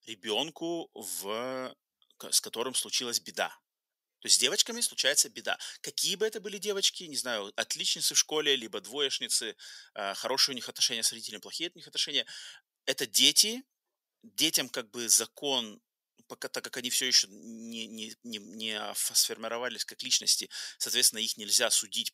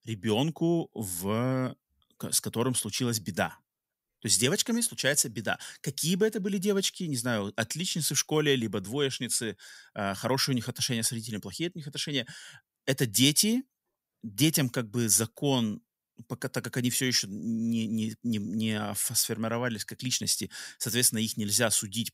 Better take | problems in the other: second | thin; somewhat; fading below 450 Hz

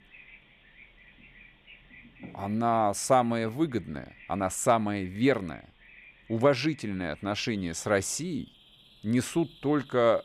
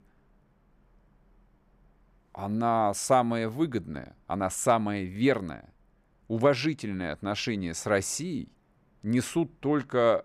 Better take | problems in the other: second | animal sounds; faint; throughout; 25 dB below the speech

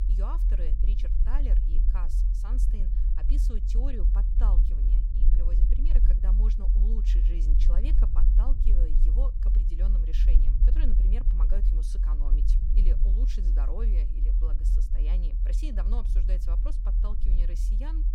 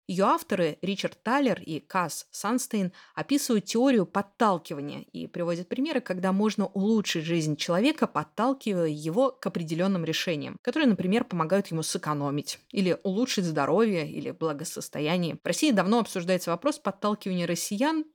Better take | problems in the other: second | low rumble; loud; throughout; 3 dB below the speech

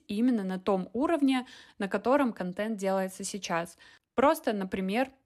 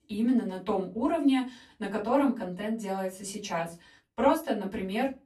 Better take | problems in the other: first | off-mic speech; far // room echo; very slight; dies away in 0.2 s

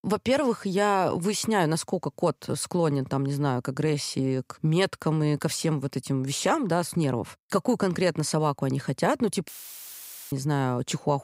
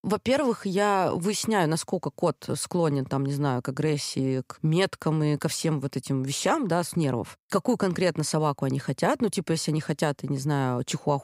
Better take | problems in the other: second | audio cutting out; filled with static; at 9.5 s for 1 s

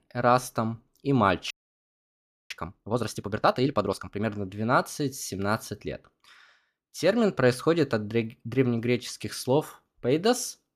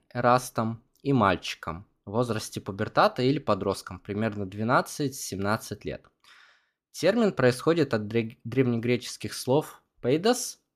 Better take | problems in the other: second | audio freezing; at 1.5 s for 1 s

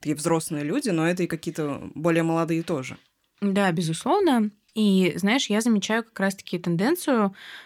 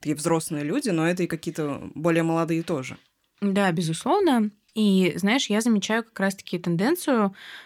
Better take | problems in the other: neither | none

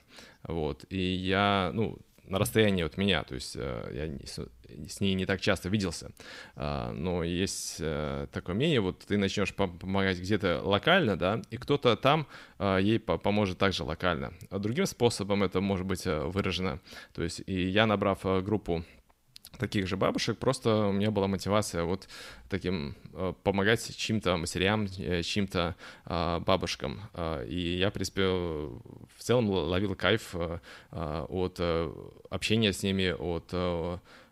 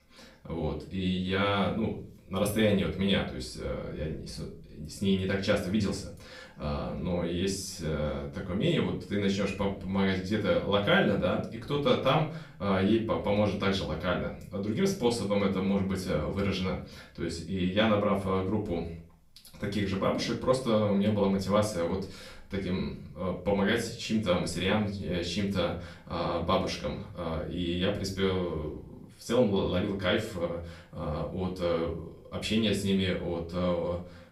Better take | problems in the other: first | room echo; slight; dies away in 0.4 s // off-mic speech; far

